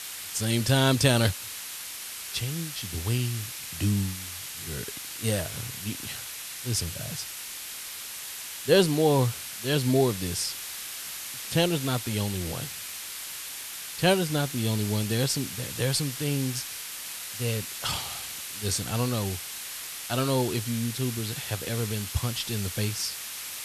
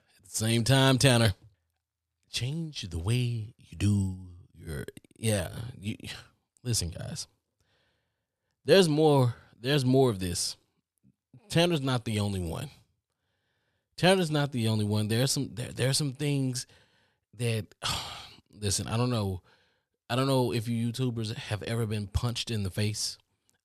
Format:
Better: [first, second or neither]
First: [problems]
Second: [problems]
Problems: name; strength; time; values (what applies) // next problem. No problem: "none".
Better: second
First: hiss; loud; throughout; 7 dB below the speech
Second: none